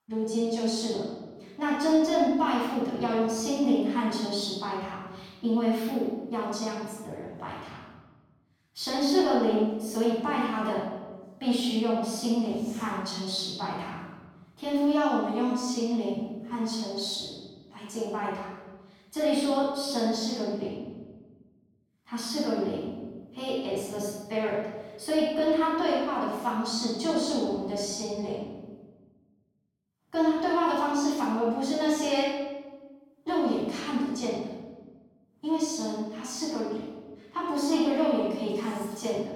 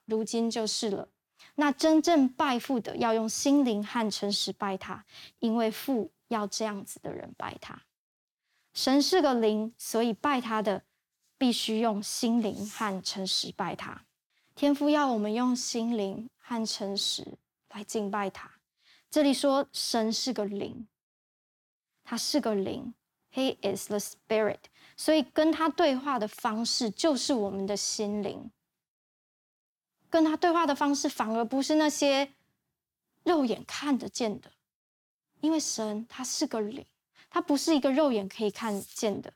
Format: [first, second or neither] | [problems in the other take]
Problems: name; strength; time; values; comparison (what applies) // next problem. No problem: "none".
second | off-mic speech; far // room echo; strong; dies away in 1.2 s